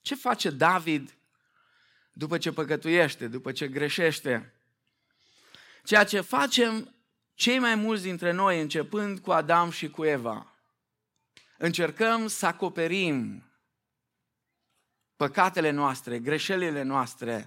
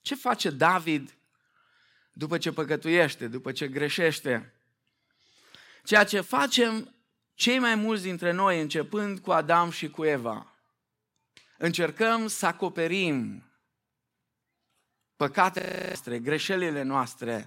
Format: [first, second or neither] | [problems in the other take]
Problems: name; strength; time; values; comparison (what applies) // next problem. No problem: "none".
first | audio freezing; at 16 s